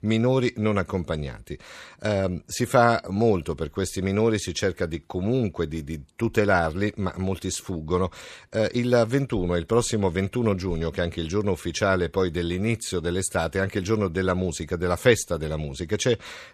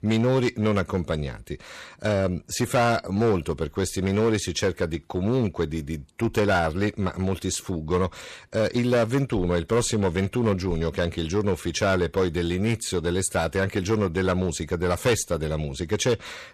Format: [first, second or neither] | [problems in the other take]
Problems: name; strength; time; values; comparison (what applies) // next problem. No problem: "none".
first | distortion; slight; 6% of the sound clipped